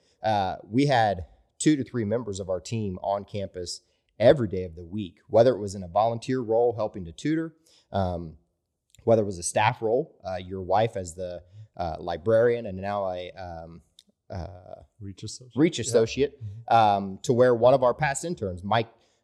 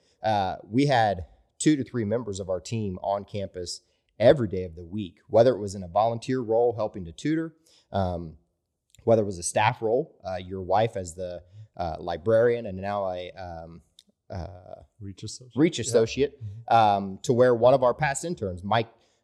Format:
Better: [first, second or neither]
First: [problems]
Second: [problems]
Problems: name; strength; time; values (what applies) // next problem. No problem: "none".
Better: neither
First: none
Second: none